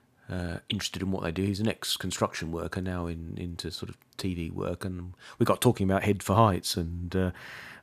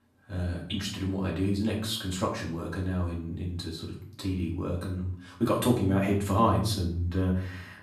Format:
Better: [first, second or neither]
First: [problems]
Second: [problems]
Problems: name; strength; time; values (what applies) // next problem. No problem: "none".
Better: first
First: none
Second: room echo; slight; dies away in 0.6 s // off-mic speech; far